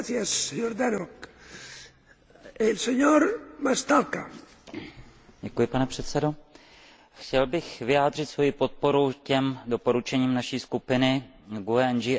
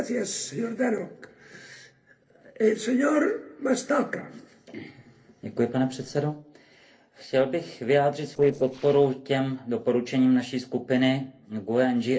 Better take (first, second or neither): first